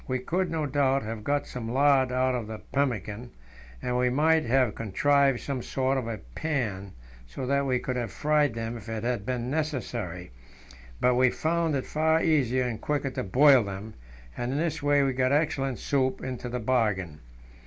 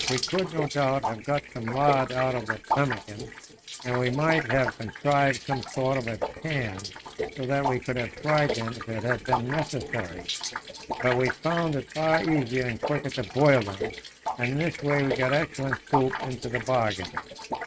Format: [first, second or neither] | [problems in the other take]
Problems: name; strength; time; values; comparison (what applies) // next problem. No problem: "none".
first | noise reduction (neural mask model RNNoise)